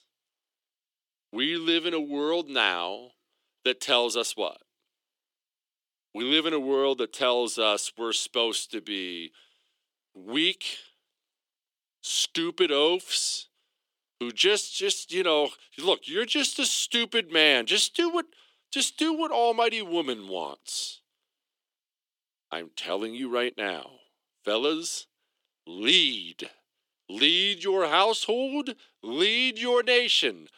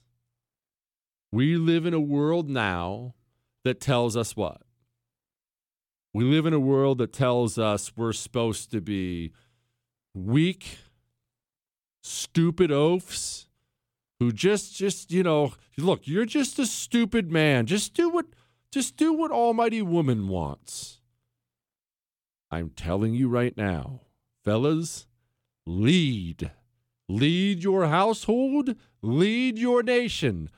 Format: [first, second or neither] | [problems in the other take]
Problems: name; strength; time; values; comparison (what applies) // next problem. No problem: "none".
second | thin; somewhat; fading below 300 Hz